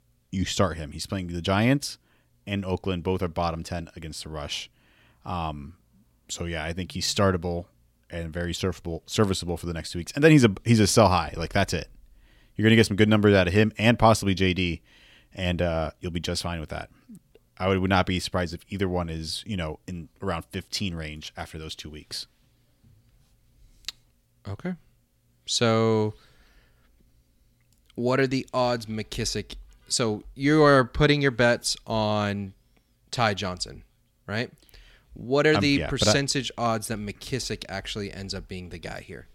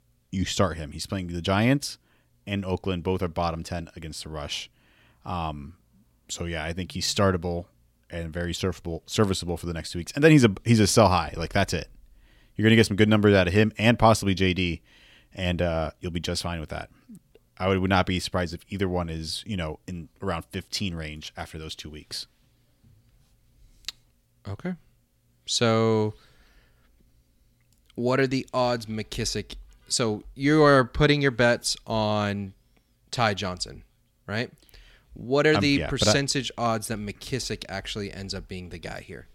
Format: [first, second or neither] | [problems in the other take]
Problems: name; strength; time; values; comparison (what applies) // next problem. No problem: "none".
neither | none